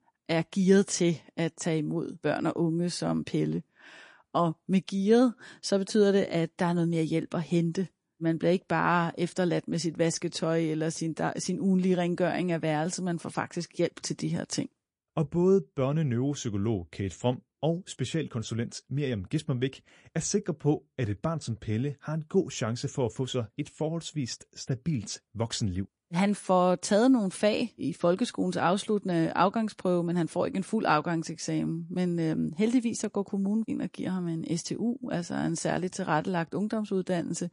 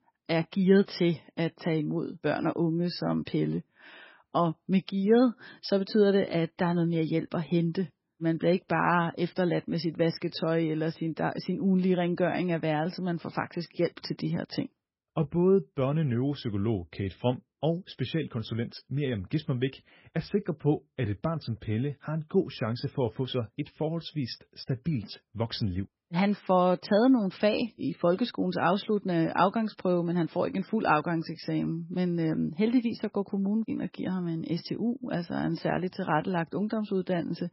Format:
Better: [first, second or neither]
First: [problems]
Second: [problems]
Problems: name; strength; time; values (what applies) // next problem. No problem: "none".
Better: first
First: garbled, watery; slightly; nothing above 10.5 kHz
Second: garbled, watery; badly; nothing above 5.5 kHz